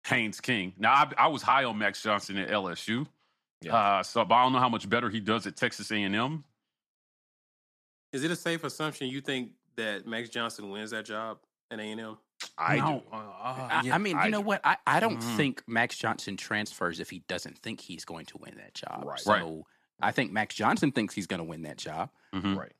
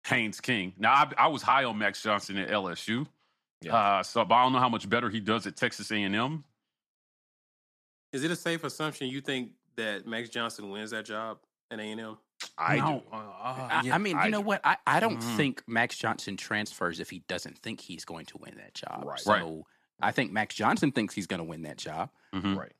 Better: neither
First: none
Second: none

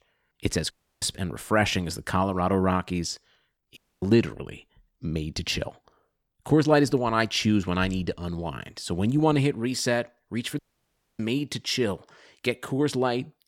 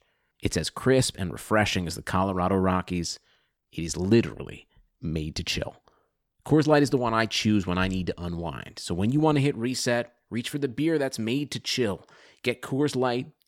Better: second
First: audio cutting out; at 0.5 s, at 4 s and at 11 s for 0.5 s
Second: none

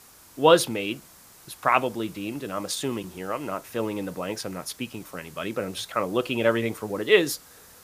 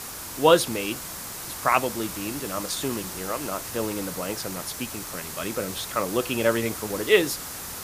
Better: first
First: hiss; faint; throughout; 20 dB below the speech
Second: hiss; loud; throughout; 7 dB below the speech

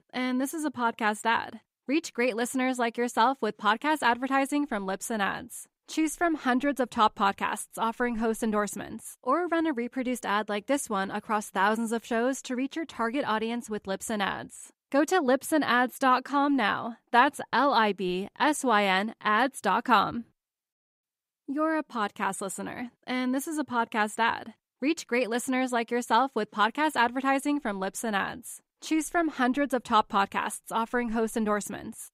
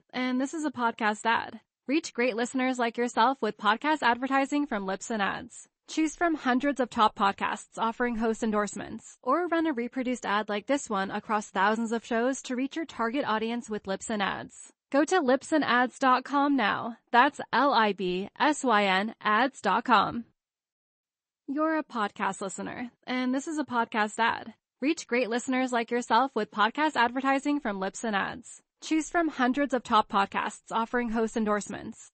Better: first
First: none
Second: garbled, watery; slightly; nothing above 8 kHz

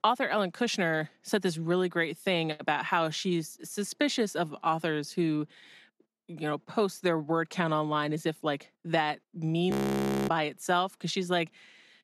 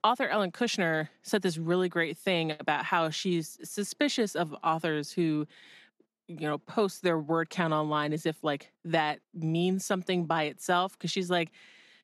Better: second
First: audio freezing; at 9.5 s for 0.5 s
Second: none

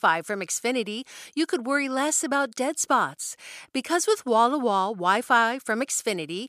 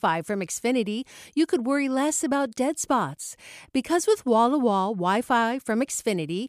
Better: second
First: thin; very slightly; fading below 450 Hz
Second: none

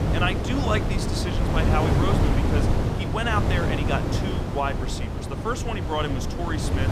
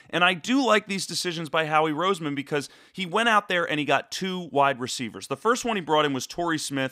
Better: second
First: wind noise on the microphone; heavy; 2 dB below the speech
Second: none

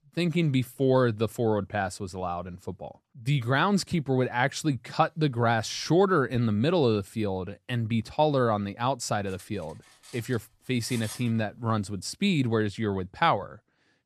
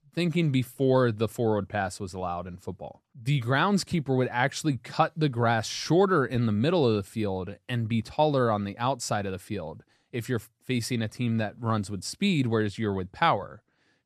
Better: second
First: clattering dishes; faint; from 9.5 to 11 s; peak 10 dB below the speech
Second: none

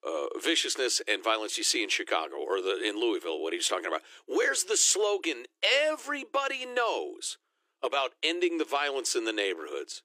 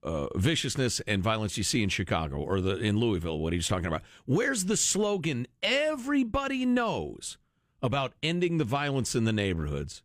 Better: second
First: thin; very; fading below 300 Hz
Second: none

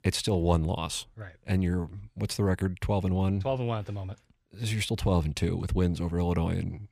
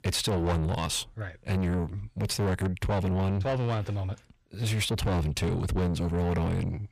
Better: first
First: none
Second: distortion; heavy; 8 dB below the speech

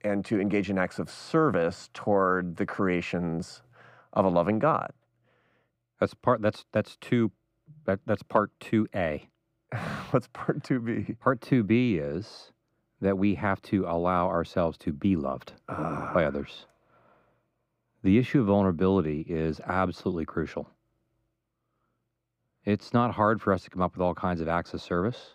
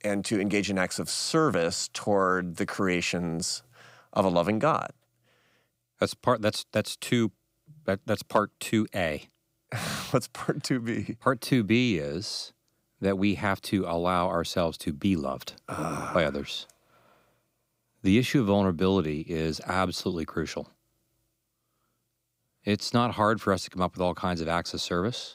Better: second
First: muffled; slightly; fading above 3 kHz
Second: none

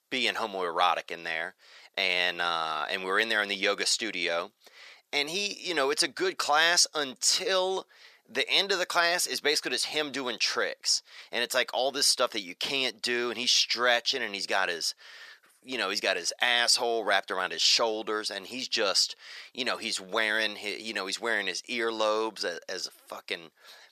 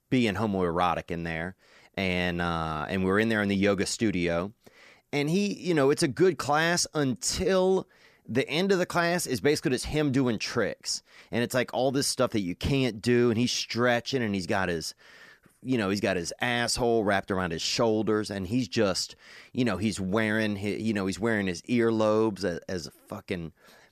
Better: second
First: thin; very; fading below 600 Hz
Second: none

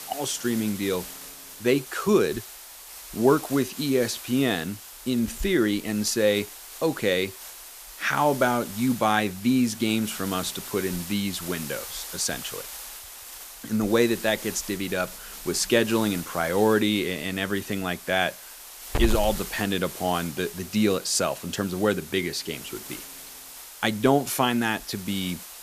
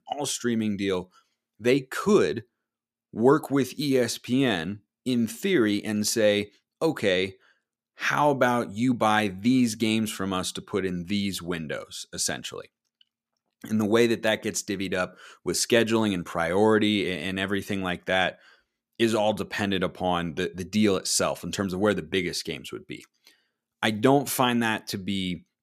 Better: second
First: hiss; noticeable; throughout; 10 dB below the speech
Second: none

